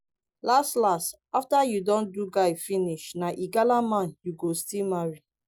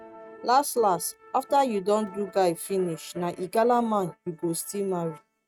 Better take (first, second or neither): first